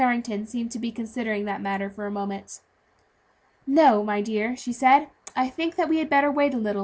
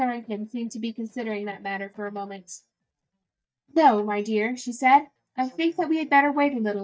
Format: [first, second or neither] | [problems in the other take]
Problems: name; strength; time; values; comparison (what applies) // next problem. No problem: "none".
first | noise reduction (neural mask model DeepFilterNet 3)